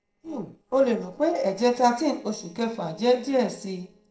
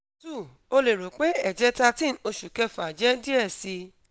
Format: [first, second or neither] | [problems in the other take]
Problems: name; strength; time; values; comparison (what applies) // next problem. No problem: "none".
second | noise reduction (neural separator model SepFormer DNS4)